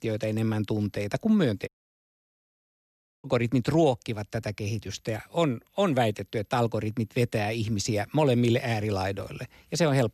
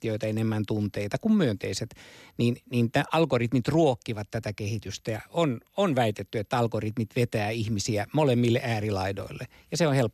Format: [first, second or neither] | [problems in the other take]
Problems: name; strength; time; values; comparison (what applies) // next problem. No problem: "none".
second | audio cutting out; at 1.5 s for 1.5 s